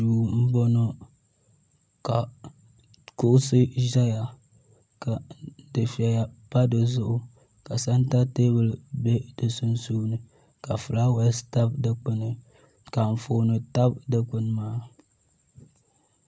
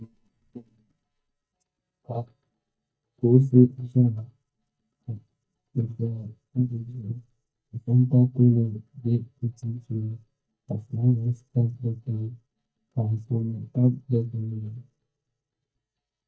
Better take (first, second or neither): first